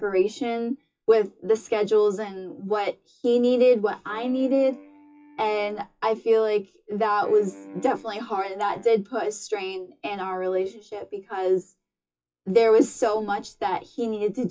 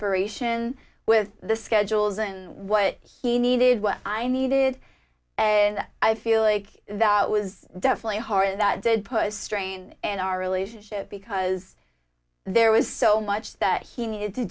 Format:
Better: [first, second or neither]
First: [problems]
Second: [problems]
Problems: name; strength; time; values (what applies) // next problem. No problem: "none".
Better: second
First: noise reduction (classical method WPE with log-MMSE)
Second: none